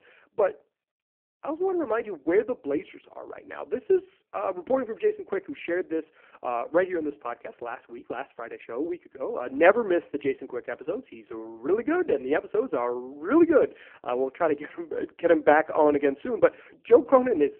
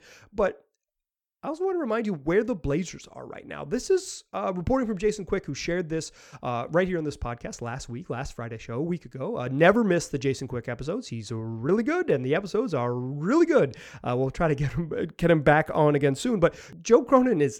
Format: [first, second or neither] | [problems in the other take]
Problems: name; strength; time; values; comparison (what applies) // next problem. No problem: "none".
second | phone-call audio; poor line